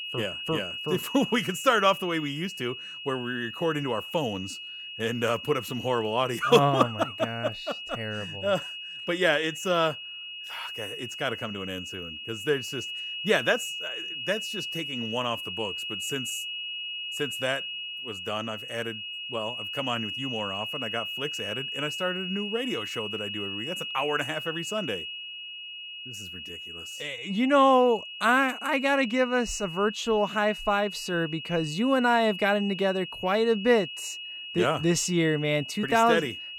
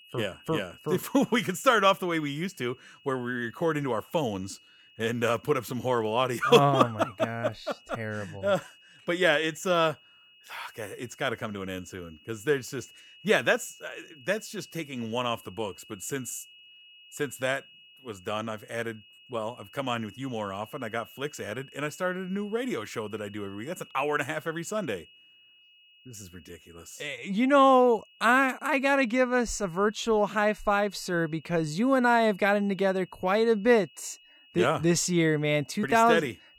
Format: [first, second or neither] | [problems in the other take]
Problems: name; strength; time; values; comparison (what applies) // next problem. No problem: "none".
second | high-pitched whine; loud; throughout; 3 kHz, 7 dB below the speech; faint in the second